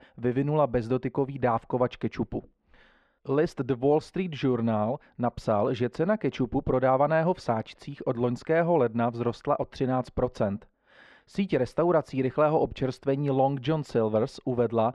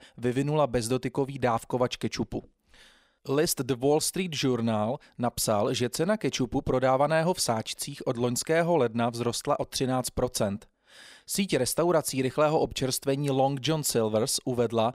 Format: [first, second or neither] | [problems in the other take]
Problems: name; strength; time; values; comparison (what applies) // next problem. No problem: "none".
second | muffled; very; fading above 2 kHz